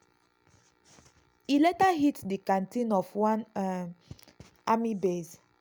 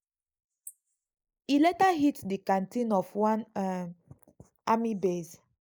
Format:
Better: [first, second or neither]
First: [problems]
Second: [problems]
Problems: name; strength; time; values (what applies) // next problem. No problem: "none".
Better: first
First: none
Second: noise reduction (neural mask model Resemble Enhance denoiser)